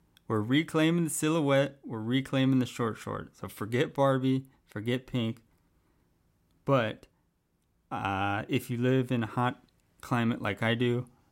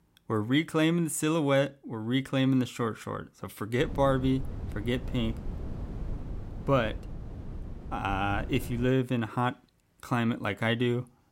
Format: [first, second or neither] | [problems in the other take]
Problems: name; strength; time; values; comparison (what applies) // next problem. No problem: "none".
first | wind noise on the microphone; occasional gusts; from 4 to 9 s; 20 dB below the speech